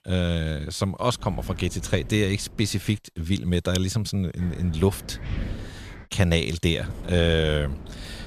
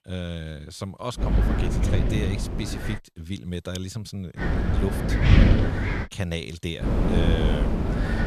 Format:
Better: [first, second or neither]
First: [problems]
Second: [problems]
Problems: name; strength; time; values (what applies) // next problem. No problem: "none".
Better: first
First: wind noise on the microphone; occasional gusts; from 1 to 3 s, from 4.5 to 6 s and from 7 s on; 20 dB below the speech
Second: wind noise on the microphone; heavy; from 1 to 3 s, from 4.5 to 6 s and from 7 s on; 4 dB above the speech